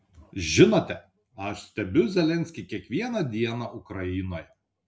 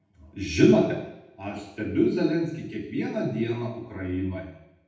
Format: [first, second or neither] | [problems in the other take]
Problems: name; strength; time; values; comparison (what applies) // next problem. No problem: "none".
first | room echo; dies away in 0.8 s